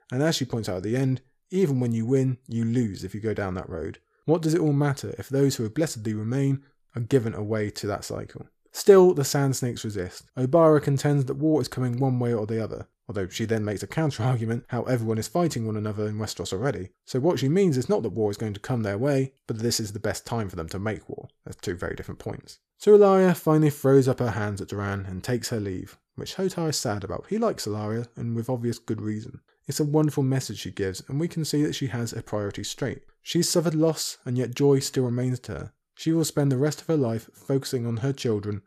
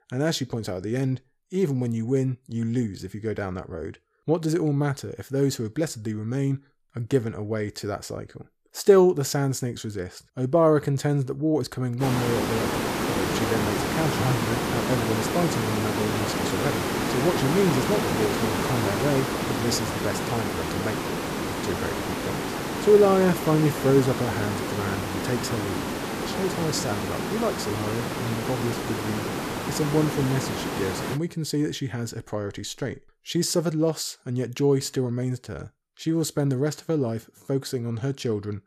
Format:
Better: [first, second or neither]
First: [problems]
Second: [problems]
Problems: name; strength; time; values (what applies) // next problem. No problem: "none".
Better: first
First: none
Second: hiss; loud; from 12 to 31 s; 1 dB below the speech